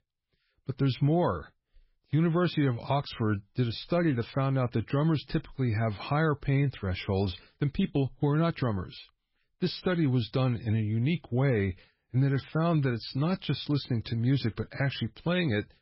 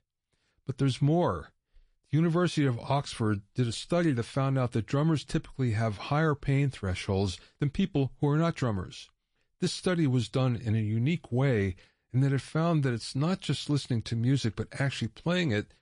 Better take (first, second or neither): second